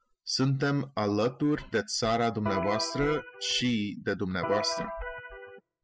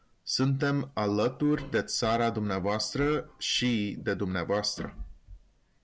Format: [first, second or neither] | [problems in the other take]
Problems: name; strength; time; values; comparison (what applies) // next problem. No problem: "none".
second | noise reduction (classical method spectral subtraction)